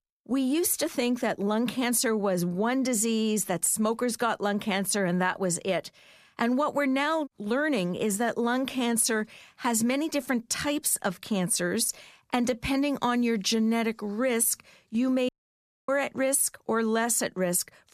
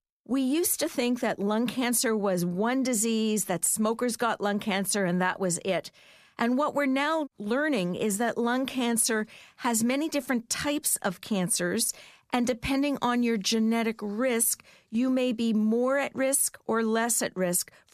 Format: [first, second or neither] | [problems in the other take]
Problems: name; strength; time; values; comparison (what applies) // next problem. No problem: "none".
second | audio cutting out; at 15 s for 0.5 s